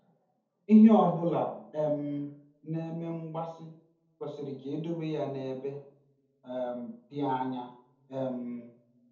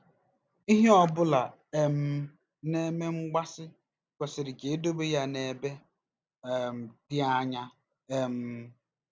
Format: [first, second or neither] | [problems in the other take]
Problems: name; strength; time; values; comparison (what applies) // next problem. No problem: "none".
second | room echo; dies away in 0.6 s